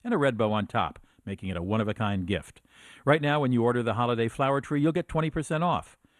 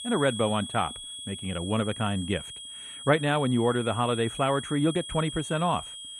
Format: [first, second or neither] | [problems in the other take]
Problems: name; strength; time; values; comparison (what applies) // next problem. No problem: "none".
first | high-pitched whine; loud; throughout; 3.5 kHz, 10 dB below the speech